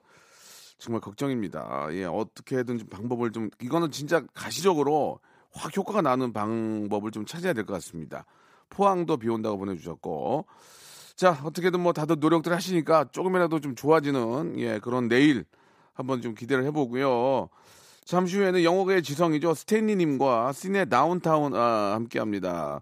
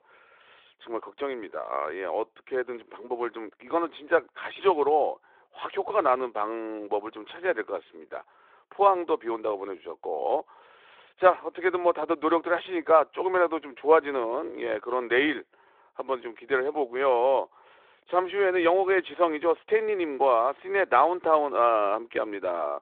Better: first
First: none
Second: phone-call audio

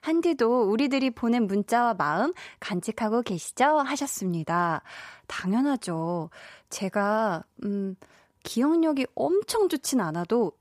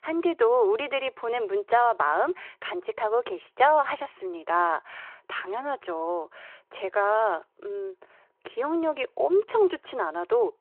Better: first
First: none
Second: phone-call audio

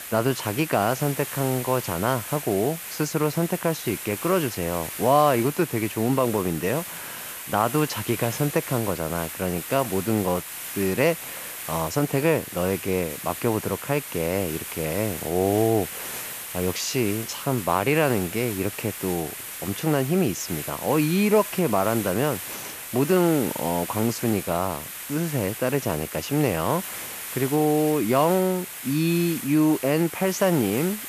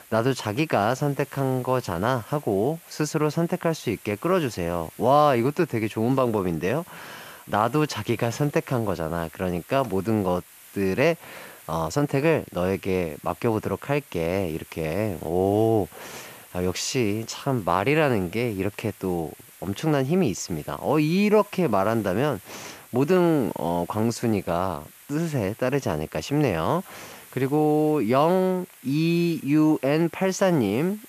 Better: second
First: hiss; loud; throughout; 8 dB below the speech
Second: hiss; faint; throughout; 20 dB below the speech

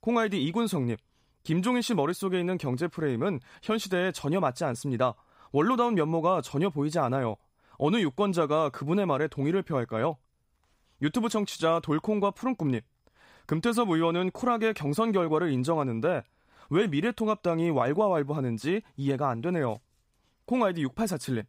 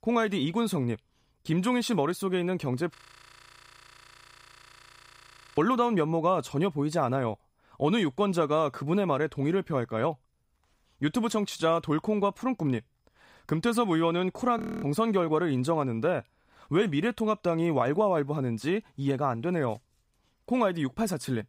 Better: first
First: none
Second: audio freezing; at 3 s for 2.5 s and at 15 s

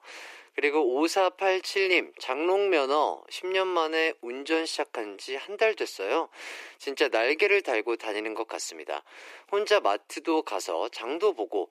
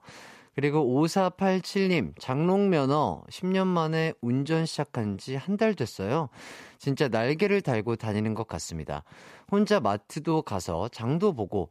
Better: second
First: thin; very; fading below 350 Hz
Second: none

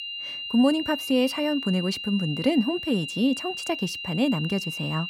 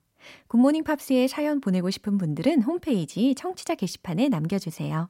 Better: second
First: high-pitched whine; loud; throughout; 3 kHz, 6 dB below the speech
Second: none

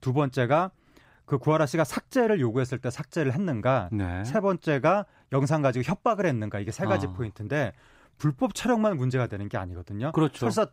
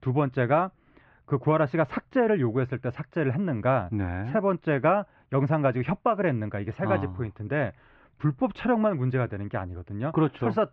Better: first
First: none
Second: muffled; very; fading above 3 kHz

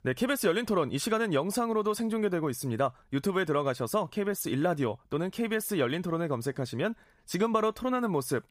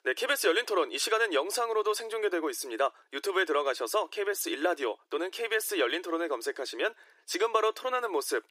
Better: first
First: none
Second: thin; very; fading below 300 Hz

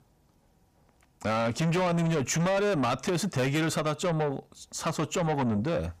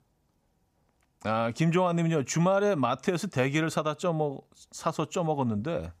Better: second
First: distortion; heavy; 8 dB below the speech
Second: none

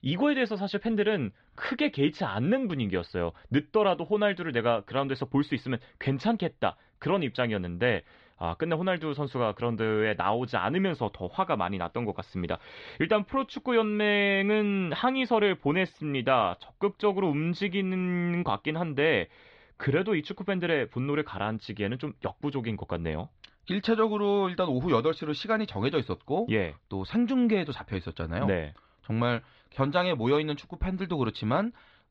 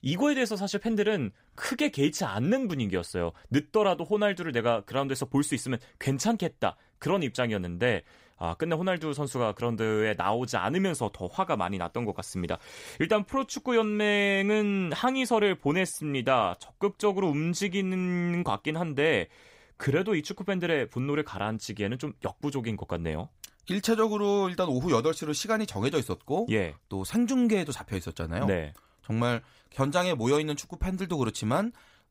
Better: second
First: muffled; slightly; fading above 4 kHz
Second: none

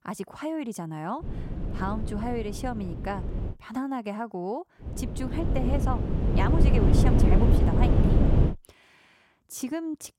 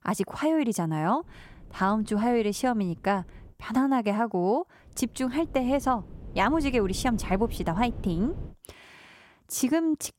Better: second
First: wind noise on the microphone; heavy; from 1 to 3.5 s and from 5 to 8.5 s; 1 dB above the speech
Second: wind noise on the microphone; occasional gusts; from 1 to 3.5 s and from 5 to 8.5 s; 25 dB below the speech

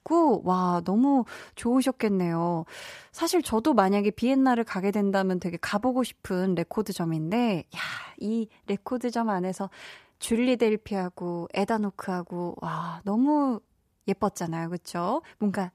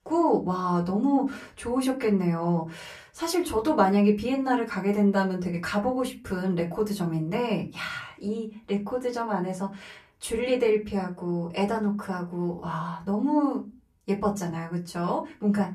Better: first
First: none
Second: off-mic speech; far // room echo; very slight; dies away in 0.2 s

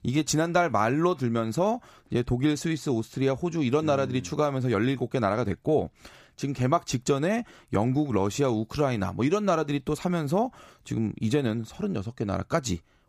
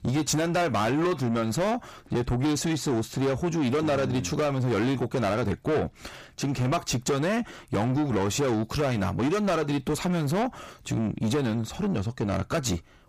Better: first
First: none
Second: distortion; heavy; 7 dB below the speech

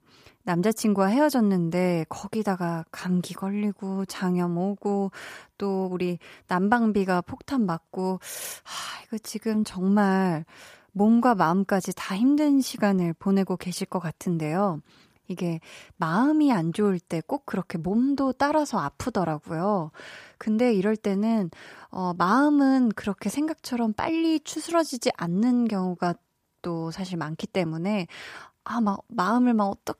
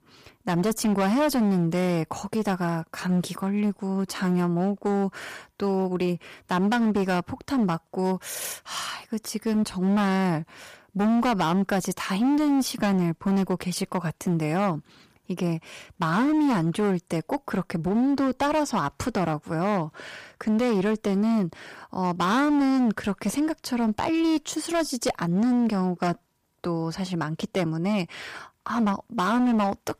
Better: first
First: none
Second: distortion; slight; 14% of the sound clipped

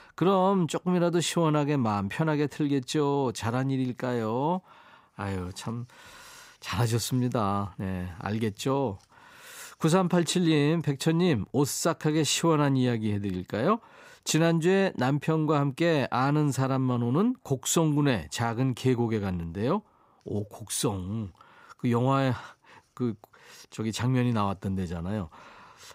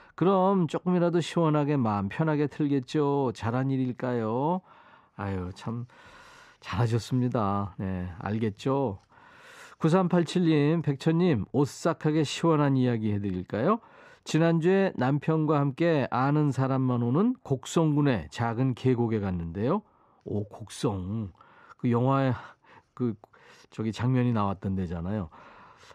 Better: first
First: none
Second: muffled; slightly; fading above 2 kHz

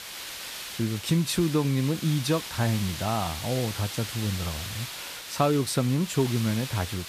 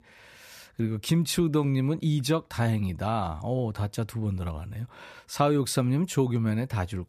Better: second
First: hiss; loud; throughout; 8 dB below the speech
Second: none

